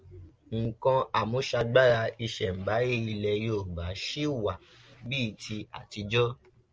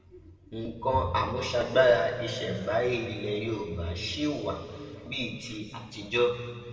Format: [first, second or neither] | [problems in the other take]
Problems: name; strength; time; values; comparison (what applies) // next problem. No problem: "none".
first | background sound (Bowed string instrument); 16 dB below the speech // room echo; dies away in 2.1 s